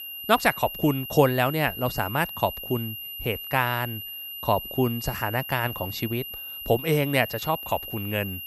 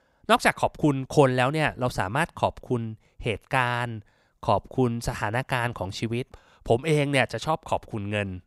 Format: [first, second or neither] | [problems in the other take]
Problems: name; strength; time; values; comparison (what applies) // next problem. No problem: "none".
second | high-pitched whine; loud; throughout; 3 kHz, 8 dB below the speech